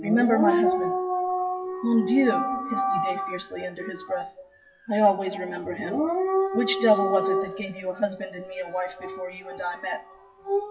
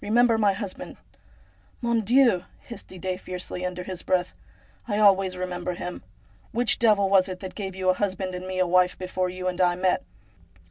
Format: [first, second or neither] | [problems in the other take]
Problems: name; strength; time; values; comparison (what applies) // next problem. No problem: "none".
second | noise reduction (classical method WPE with log-MMSE)